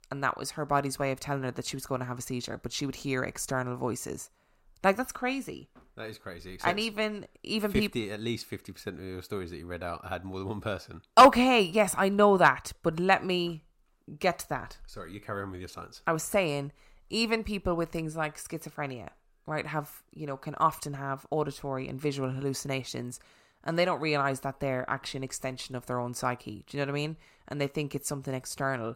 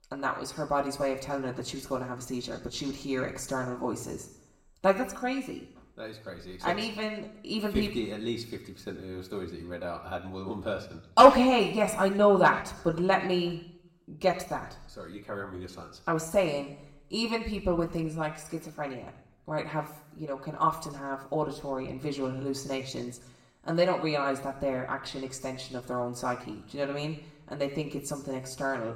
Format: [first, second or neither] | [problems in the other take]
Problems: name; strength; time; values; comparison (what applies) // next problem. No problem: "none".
first | room echo; slight; dies away in 0.8 s // off-mic speech; somewhat distant